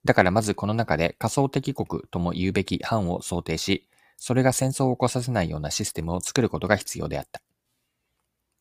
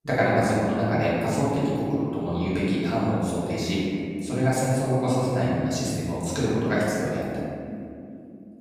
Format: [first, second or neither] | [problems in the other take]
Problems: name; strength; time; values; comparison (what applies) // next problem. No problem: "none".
first | room echo; strong; dies away in 3 s // off-mic speech; far